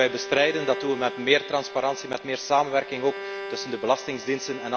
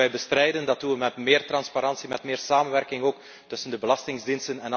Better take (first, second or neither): second